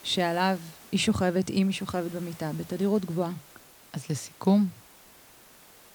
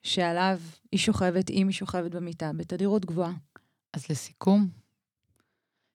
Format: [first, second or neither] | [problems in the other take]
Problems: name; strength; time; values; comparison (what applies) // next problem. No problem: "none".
second | hiss; faint; throughout; 20 dB below the speech